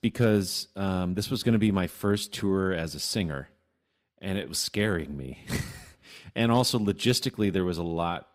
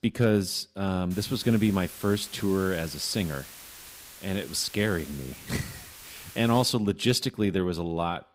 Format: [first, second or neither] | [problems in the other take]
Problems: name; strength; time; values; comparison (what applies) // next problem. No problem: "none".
first | hiss; noticeable; from 1 to 6.5 s; 15 dB below the speech